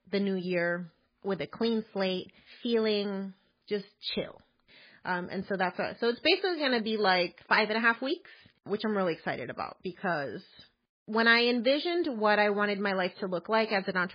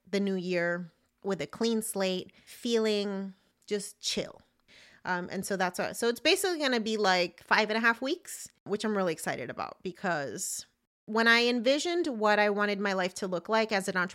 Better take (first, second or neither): second